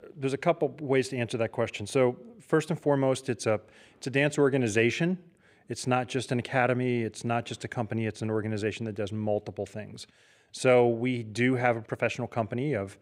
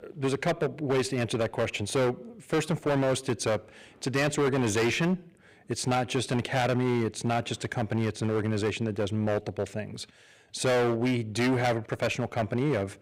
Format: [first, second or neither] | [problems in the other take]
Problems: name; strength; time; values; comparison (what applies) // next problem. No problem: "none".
first | distortion; heavy; 14% of the sound clipped